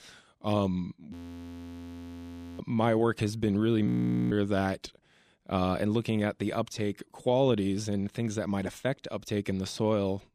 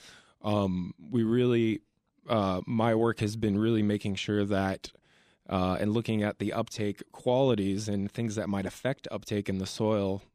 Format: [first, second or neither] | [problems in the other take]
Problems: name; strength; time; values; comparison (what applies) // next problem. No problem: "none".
second | audio freezing; at 1 s for 1.5 s and at 4 s